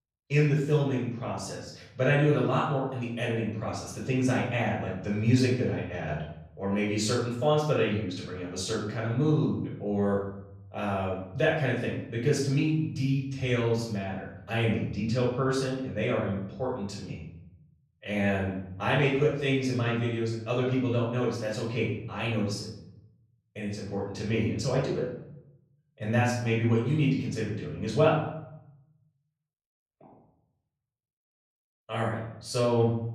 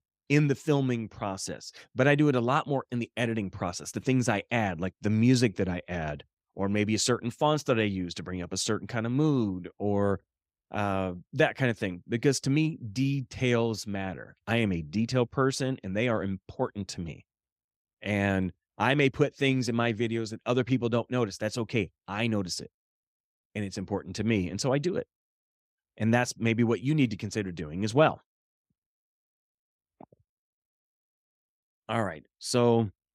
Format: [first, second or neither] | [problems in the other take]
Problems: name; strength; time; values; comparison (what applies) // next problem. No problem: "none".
second | off-mic speech; far // room echo; noticeable; dies away in 0.7 s